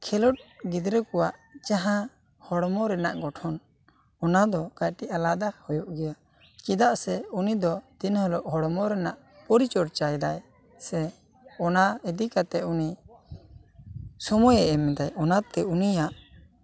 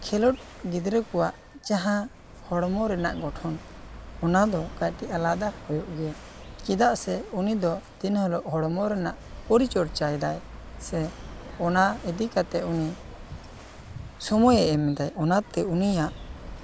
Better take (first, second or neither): first